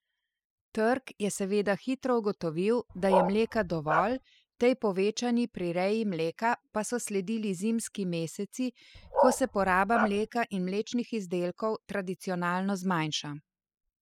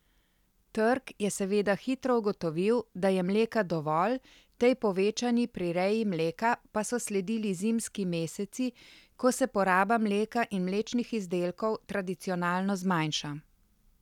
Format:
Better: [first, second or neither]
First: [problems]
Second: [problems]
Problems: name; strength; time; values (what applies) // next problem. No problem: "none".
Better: second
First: noise reduction (classical method spectral subtraction)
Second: none